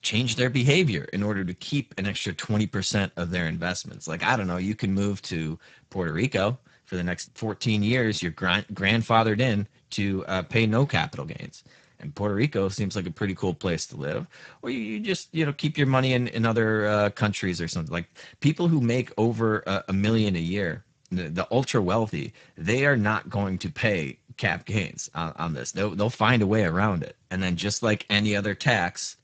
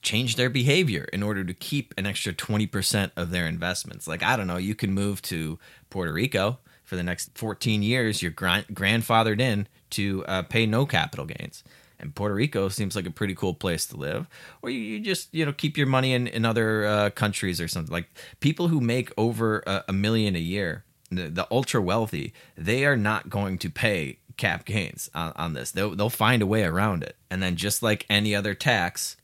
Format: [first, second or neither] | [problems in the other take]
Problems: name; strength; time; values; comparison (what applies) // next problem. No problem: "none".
second | garbled, watery; badly; nothing above 7.5 kHz